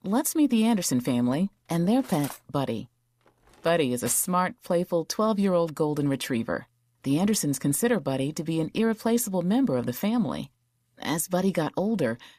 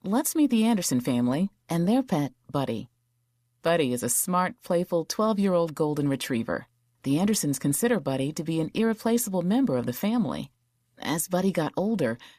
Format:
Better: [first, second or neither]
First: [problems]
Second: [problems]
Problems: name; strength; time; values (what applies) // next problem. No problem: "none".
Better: second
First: clattering dishes; faint; from 1.5 to 4.5 s; peak 15 dB below the speech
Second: none